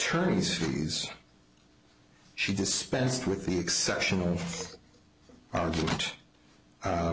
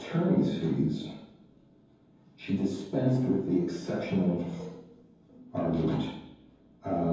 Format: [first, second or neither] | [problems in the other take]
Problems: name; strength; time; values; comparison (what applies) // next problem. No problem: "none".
first | room echo; dies away in 0.9 s